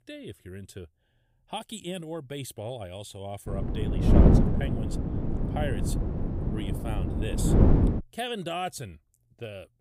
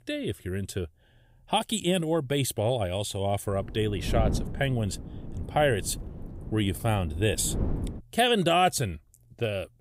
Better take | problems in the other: second | wind noise on the microphone; heavy; from 3.5 to 8 s; 4 dB above the speech; occasional gusts in the second

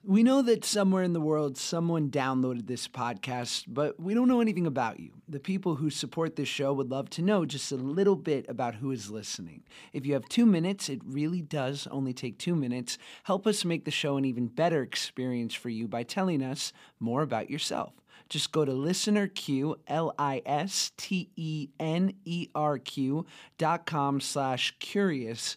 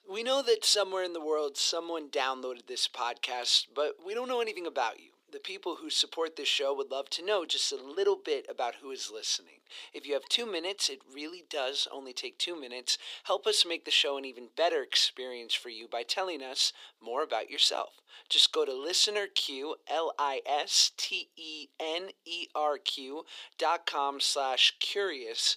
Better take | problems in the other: first | thin; very; fading below 350 Hz

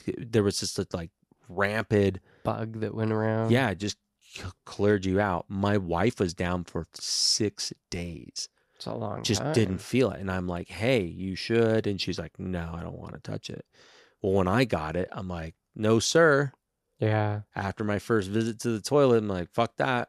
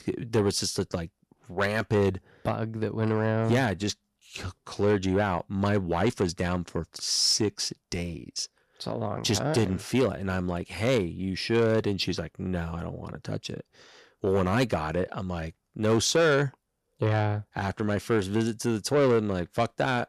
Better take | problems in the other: first | distortion; slight; 10 dB below the speech

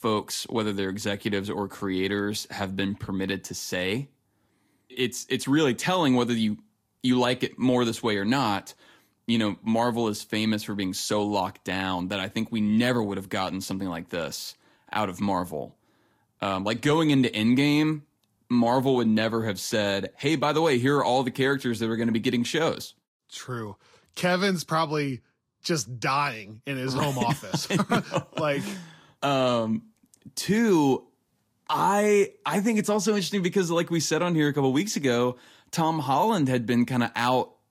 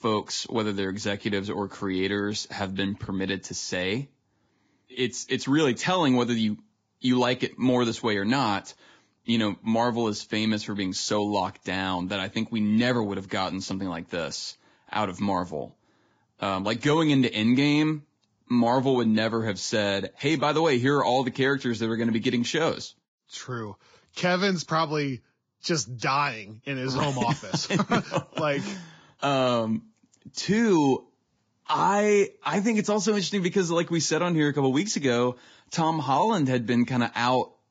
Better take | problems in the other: first | garbled, watery; badly; nothing above 7.5 kHz; slightly in the first

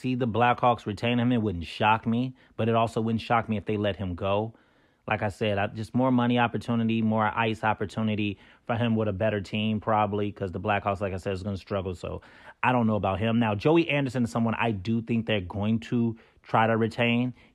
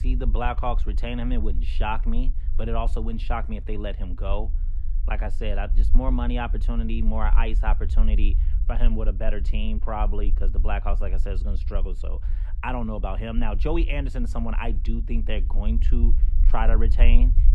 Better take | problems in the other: first | low rumble; noticeable; throughout; 15 dB below the speech

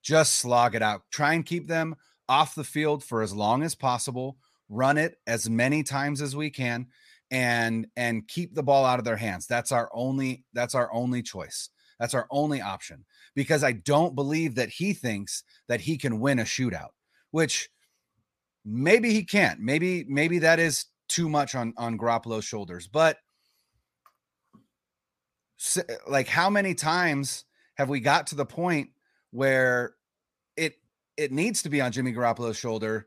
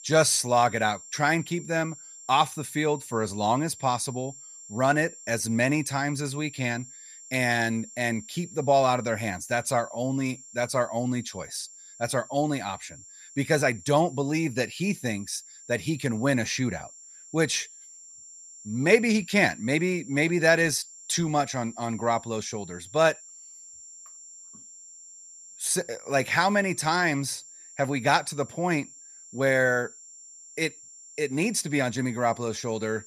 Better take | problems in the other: first | high-pitched whine; noticeable; throughout; 7.5 kHz, 20 dB below the speech

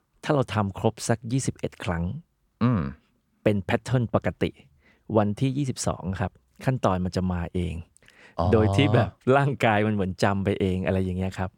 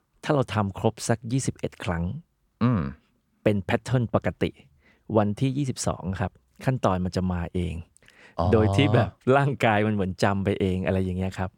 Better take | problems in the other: neither | none

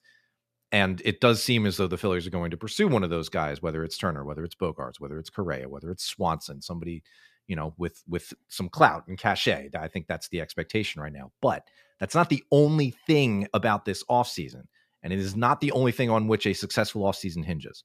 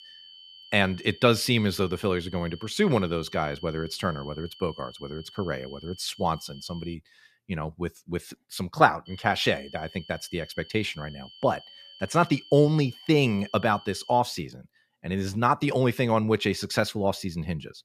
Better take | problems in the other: first | high-pitched whine; noticeable; until 7 s and from 9 to 14 s; 3 kHz, 20 dB below the speech

